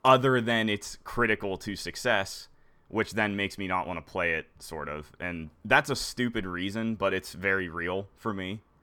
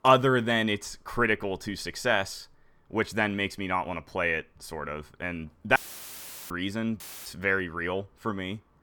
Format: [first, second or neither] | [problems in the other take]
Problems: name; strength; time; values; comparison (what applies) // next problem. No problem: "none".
first | audio cutting out; filled with static; at 6 s for 0.5 s and at 7 s